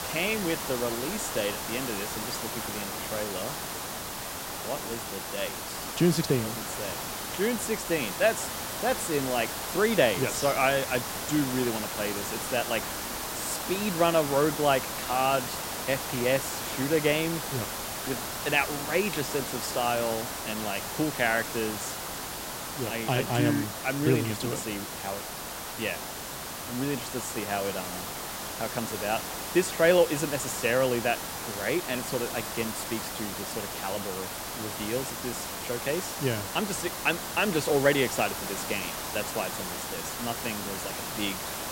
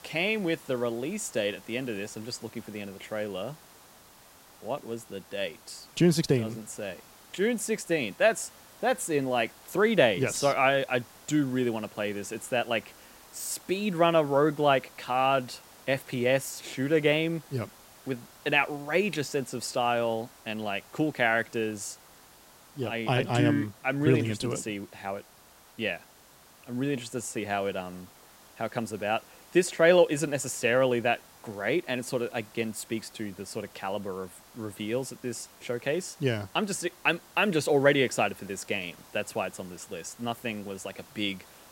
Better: second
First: hiss; loud; throughout; 4 dB below the speech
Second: hiss; faint; throughout; 25 dB below the speech

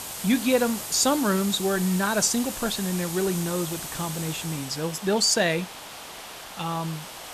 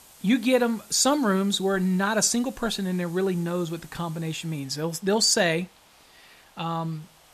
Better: second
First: hiss; loud; throughout; 9 dB below the speech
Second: hiss; faint; throughout; 25 dB below the speech

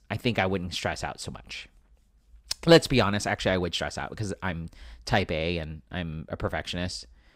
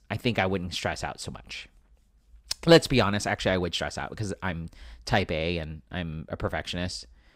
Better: neither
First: none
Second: none

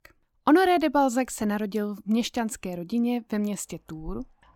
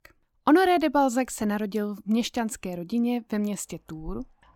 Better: neither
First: none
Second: none

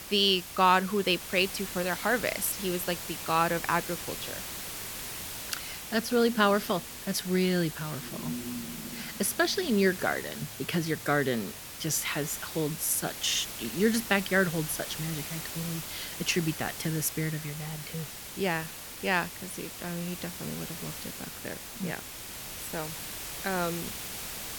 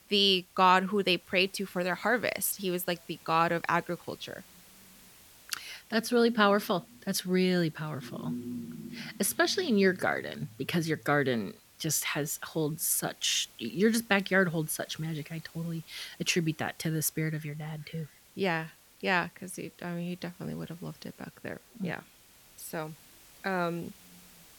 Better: second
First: hiss; loud; throughout; 8 dB below the speech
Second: hiss; faint; throughout; 25 dB below the speech

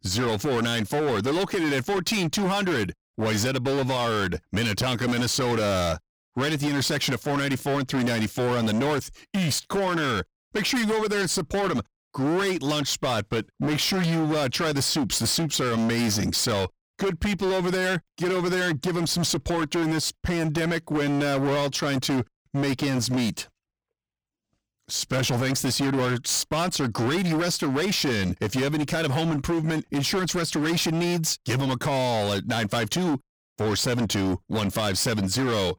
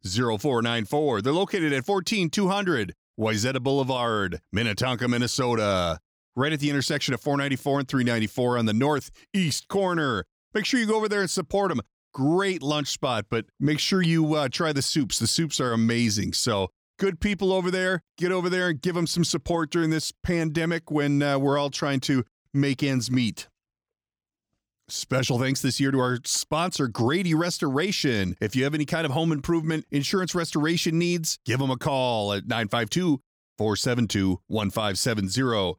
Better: second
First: distortion; heavy; 28% of the sound clipped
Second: none

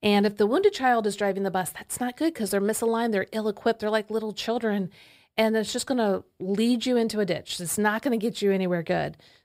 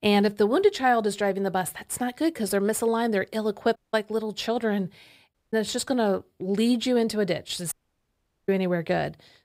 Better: first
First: none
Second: audio cutting out; at 4 s, at 5.5 s and at 7.5 s for 1 s

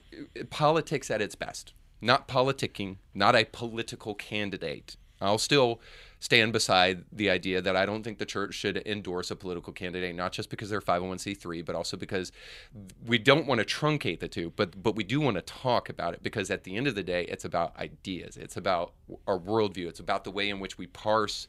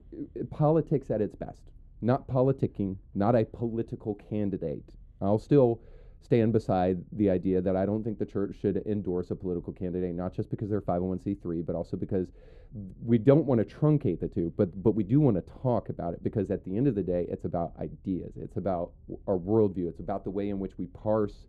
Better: first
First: none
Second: muffled; very; fading above 1 kHz

